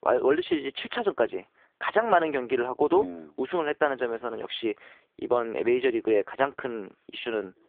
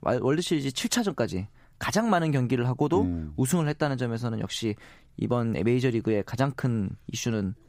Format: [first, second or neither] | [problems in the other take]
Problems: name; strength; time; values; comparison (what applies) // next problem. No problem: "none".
second | phone-call audio; poor line; nothing above 3.5 kHz